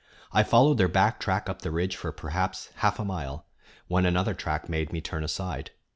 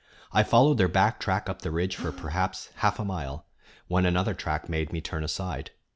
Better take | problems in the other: first | background sound (Gasp); 20 dB below the speech

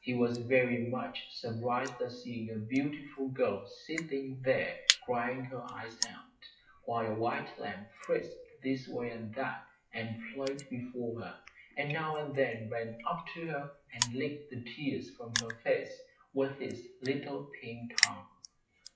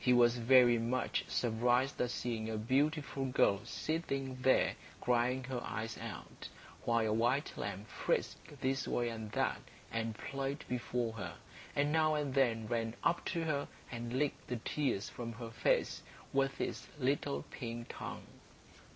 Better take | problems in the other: second | noise reduction (classical method WPE with log-MMSE)

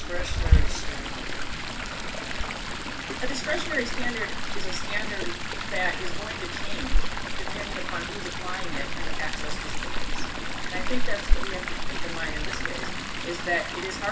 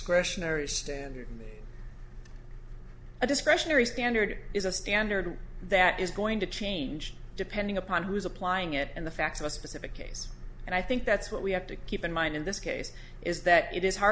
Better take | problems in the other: second | background sound (Chatter / Stream); 1 dB above the speech // room echo; dies away in 0.2 s

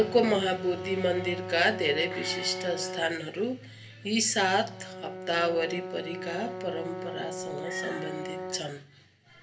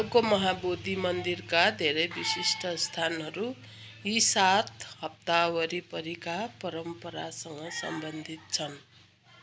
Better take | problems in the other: second | background sound (Brass instrument); 9 dB below the speech // room echo; dies away in 0.3 s

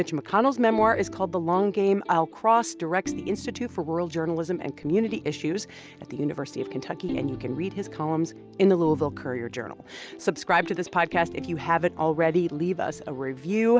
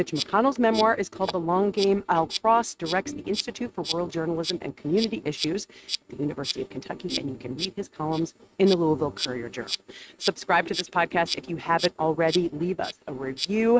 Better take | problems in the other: first | noise reduction (neural mask model RNNoise)

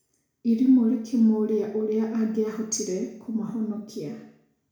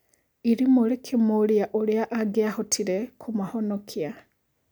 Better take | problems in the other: second | room echo; dies away in 0.6 s

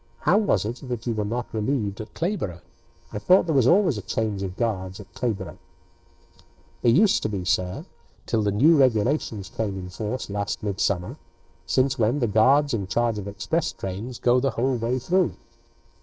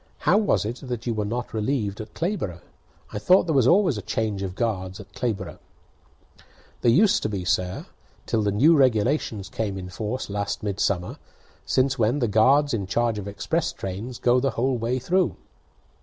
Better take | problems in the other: second | noise reduction (neural separator model SepFormer DNS4)

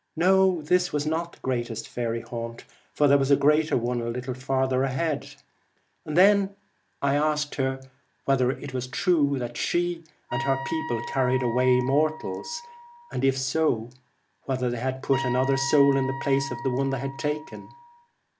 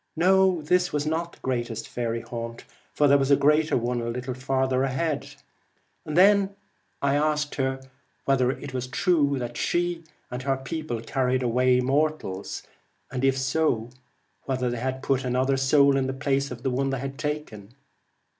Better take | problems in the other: second | background sound (Wind instrument, woodwind instrument); 10 dB below the speech

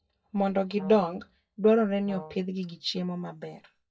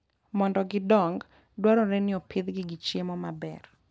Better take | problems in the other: second | noise reduction (classical method WPE with log-MMSE)

